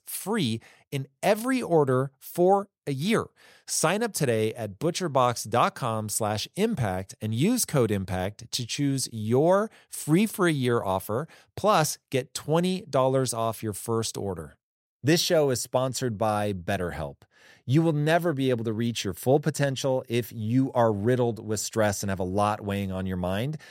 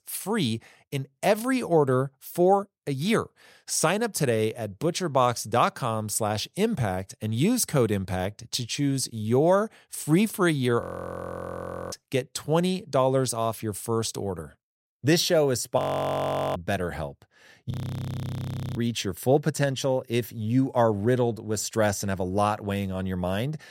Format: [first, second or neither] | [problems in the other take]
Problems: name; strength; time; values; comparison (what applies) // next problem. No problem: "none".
first | audio freezing; at 11 s for 1 s, at 16 s for 1 s and at 18 s for 1 s